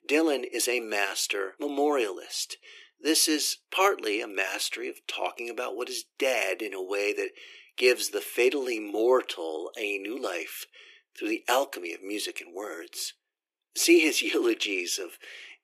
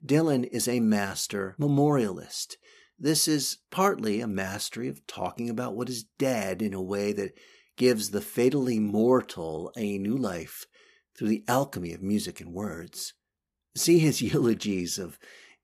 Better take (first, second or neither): second